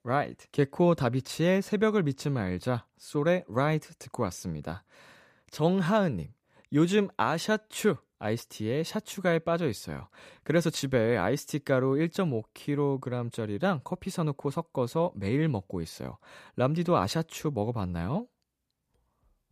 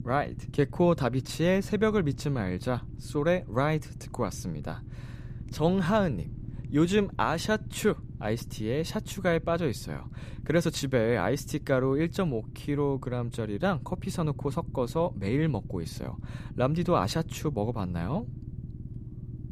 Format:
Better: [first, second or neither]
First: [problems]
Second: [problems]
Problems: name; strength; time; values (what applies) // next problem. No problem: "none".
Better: first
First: none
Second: low rumble; faint; throughout; 20 dB below the speech